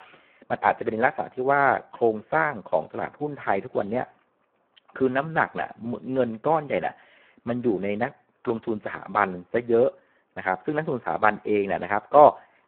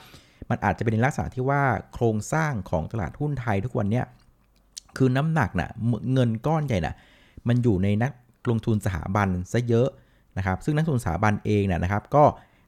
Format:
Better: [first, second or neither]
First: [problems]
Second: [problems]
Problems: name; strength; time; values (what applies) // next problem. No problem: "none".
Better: second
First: phone-call audio; poor line; nothing above 3.5 kHz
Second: none